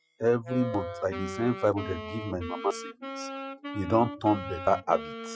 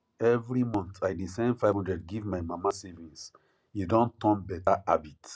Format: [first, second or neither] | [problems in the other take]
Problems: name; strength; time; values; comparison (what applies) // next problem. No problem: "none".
second | noise reduction (classical method Wiener filter)